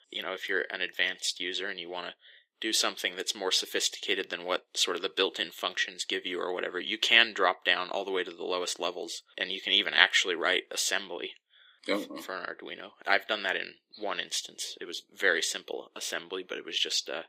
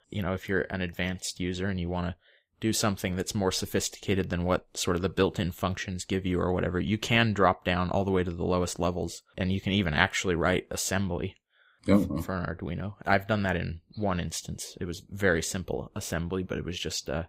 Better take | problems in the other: second | thin; very; fading below 350 Hz

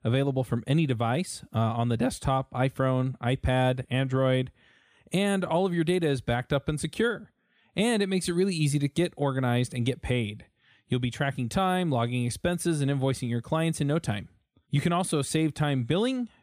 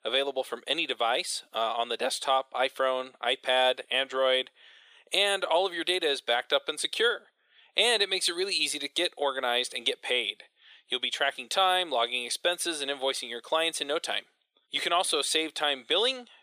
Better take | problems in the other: first | thin; very; fading below 450 Hz

